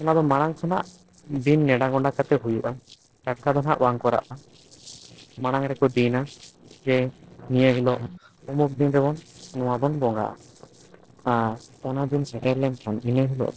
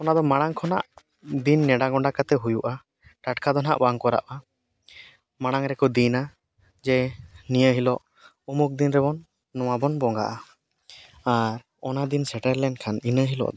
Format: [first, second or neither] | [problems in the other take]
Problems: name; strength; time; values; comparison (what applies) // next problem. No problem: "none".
second | noise reduction (neural separator model SepFormer DNS4)